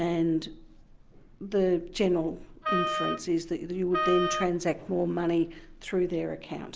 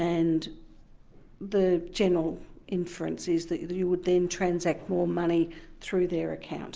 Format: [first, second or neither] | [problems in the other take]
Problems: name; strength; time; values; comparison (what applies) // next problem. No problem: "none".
second | background sound (Wind instrument, woodwind instrument); 3 dB below the speech